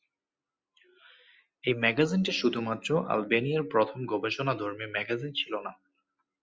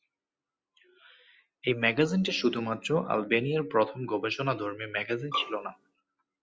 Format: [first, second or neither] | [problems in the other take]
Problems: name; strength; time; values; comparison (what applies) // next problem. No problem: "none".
first | background sound (Bowed string instrument); 7 dB below the speech